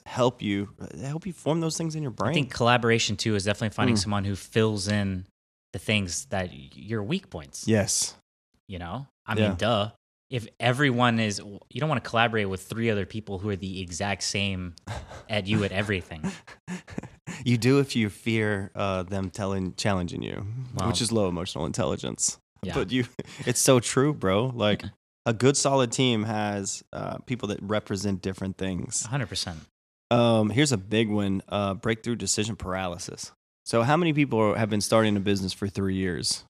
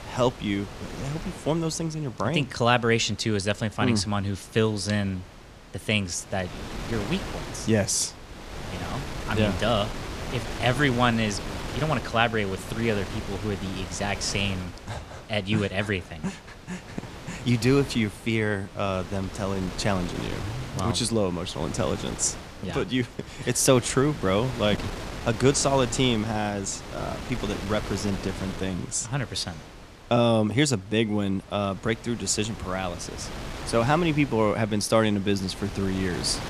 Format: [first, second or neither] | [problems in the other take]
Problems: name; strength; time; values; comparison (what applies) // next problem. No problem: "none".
first | wind noise on the microphone; occasional gusts; 10 dB below the speech